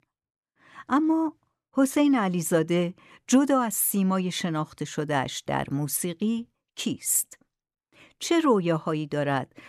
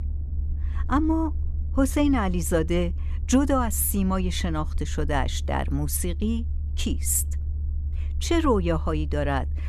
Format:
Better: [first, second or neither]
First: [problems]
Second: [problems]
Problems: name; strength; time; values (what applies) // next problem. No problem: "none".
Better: first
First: none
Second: low rumble; faint; throughout; 20 dB below the speech